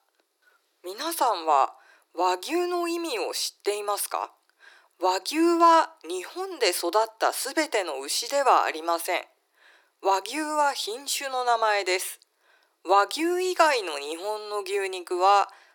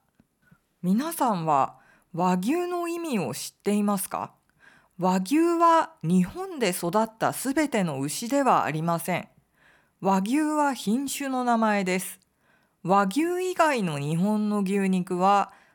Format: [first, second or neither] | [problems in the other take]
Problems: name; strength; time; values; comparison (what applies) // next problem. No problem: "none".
second | thin; very; fading below 350 Hz